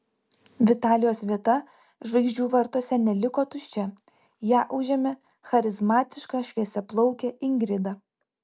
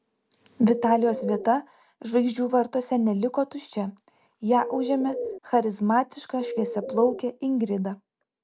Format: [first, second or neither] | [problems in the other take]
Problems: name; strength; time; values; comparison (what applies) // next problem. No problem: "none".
first | background sound (Bird); 6 dB below the speech